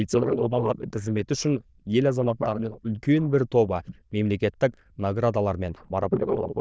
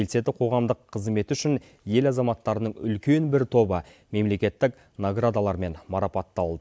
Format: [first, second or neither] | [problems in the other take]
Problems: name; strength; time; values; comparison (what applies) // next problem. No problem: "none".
second | noise reduction (neural diffusion model UNIVERSE++)